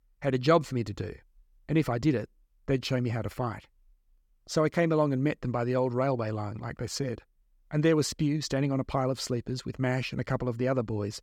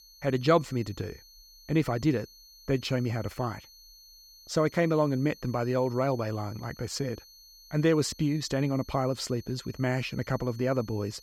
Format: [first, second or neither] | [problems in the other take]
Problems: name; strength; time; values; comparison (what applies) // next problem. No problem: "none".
first | high-pitched whine; faint; throughout; 4.5 kHz, 20 dB below the speech